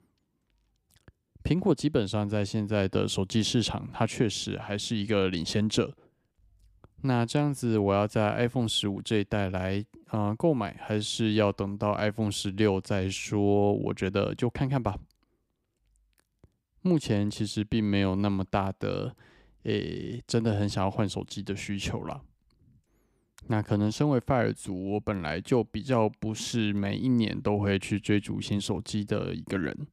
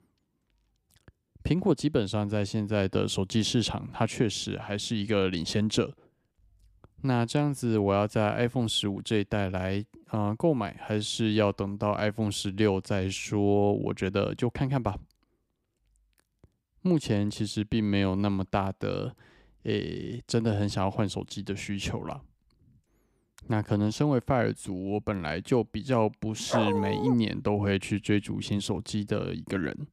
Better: first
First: none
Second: dog barking; noticeable; at 27 s; peak level with the speech

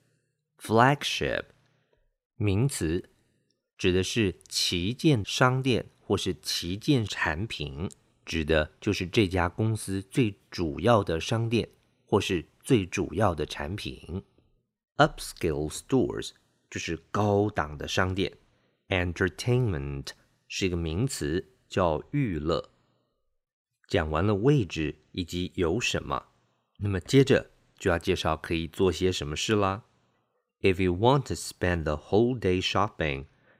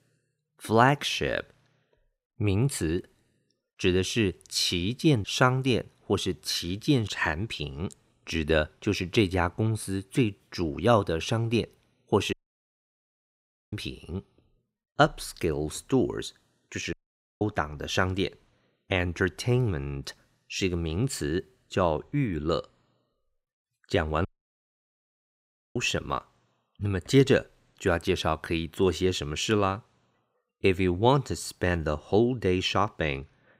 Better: first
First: none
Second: audio cutting out; at 12 s for 1.5 s, at 17 s and at 24 s for 1.5 s

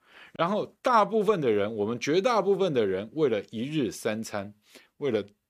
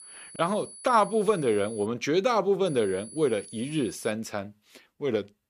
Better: first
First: none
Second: high-pitched whine; noticeable; until 2 s and from 2.5 to 4 s; 10 kHz, 15 dB below the speech

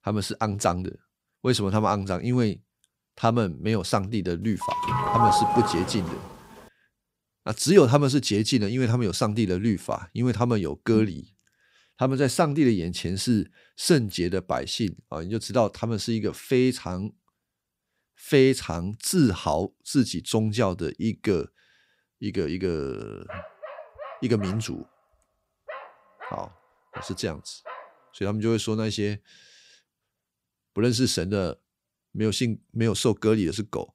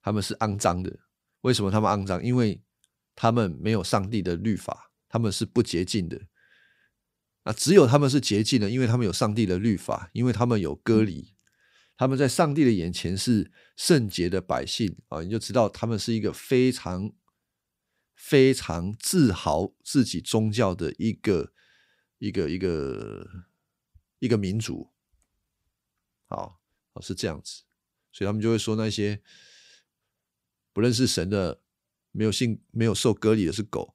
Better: second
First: doorbell; loud; from 4.5 to 6 s; peak 5 dB above the speech // dog barking; faint; from 23 to 28 s; peak 15 dB below the speech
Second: none

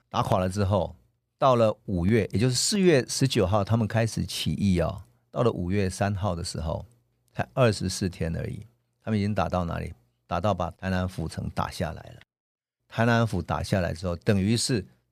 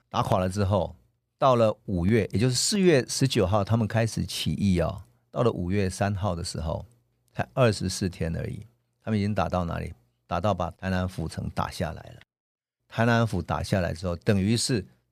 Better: neither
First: none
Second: none

